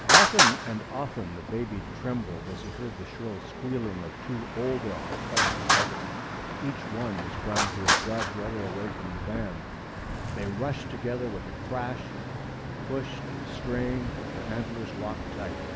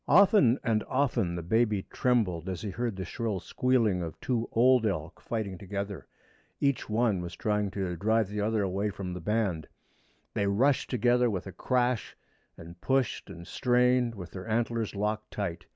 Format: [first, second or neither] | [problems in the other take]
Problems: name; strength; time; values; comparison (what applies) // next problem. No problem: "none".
second | background sound (Traffic noise, roadway noise); 4 dB above the speech